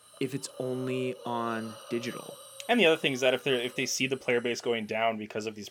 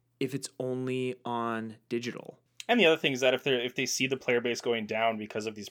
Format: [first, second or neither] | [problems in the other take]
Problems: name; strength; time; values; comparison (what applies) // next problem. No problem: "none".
second | hiss; noticeable; throughout; 15 dB below the speech